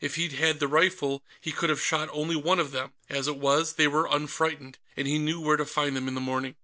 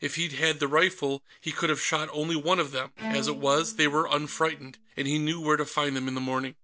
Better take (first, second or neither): first